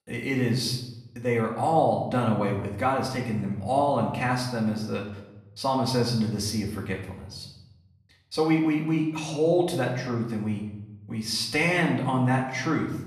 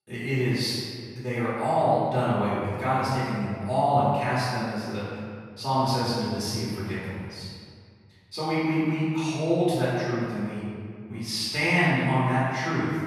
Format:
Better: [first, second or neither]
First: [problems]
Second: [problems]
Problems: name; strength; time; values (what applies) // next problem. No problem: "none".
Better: first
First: room echo; slight; dies away in 0.9 s // off-mic speech; far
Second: room echo; strong; dies away in 1.9 s // off-mic speech; far